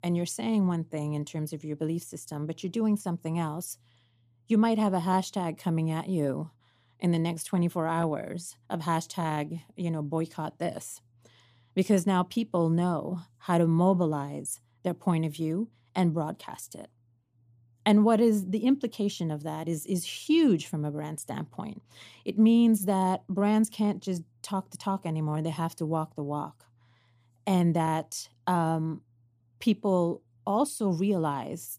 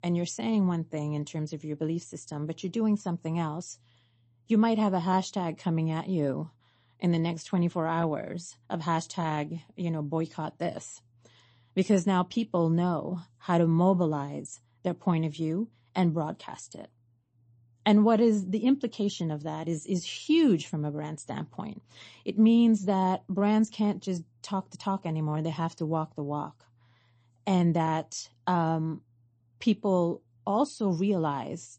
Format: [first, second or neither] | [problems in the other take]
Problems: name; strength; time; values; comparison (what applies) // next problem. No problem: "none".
first | garbled, watery; slightly; nothing above 8 kHz